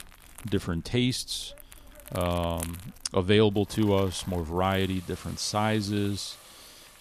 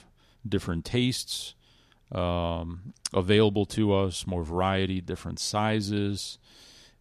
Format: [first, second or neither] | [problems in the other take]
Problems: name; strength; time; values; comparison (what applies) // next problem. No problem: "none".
second | household noises; noticeable; throughout; 20 dB below the speech